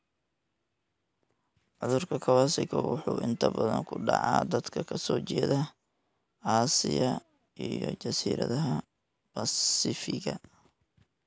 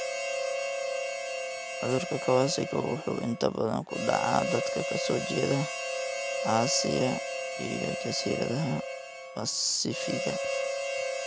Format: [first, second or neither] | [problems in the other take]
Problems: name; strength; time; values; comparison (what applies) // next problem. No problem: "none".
first | background sound (Harmonica); 2 dB below the speech